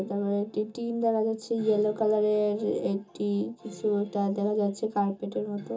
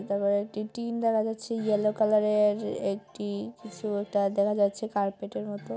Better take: second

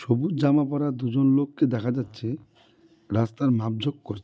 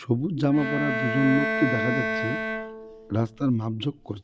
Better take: first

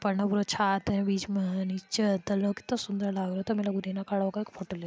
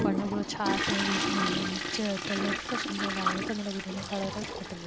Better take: first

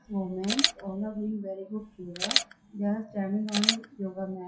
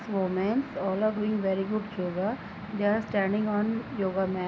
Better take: second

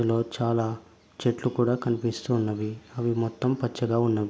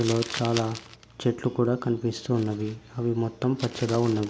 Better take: first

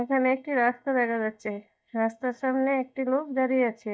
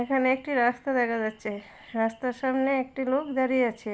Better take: second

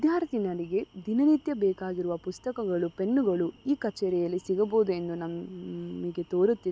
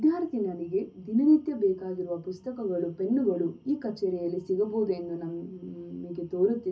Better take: first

